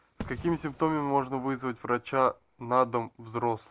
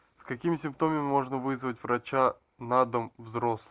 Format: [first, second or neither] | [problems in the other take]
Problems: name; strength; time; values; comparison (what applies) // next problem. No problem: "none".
second | background sound (Fireworks); 17 dB below the speech